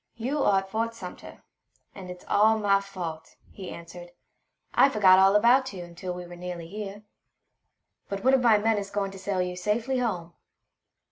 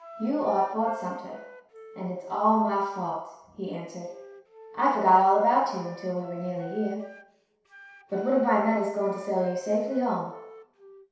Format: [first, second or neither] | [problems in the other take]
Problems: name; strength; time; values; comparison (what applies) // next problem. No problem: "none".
first | background sound (Wind instrument, woodwind instrument); 19 dB below the speech // room echo; dies away in 0.7 s